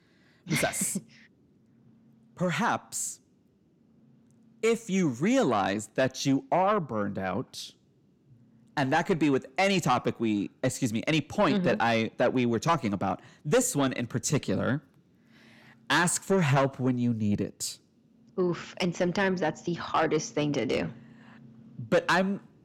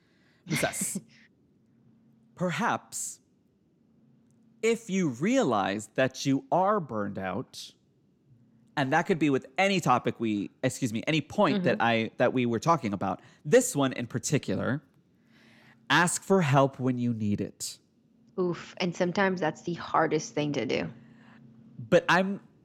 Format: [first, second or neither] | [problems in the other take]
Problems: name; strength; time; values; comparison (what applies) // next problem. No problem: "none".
second | distortion; slight; 10 dB below the speech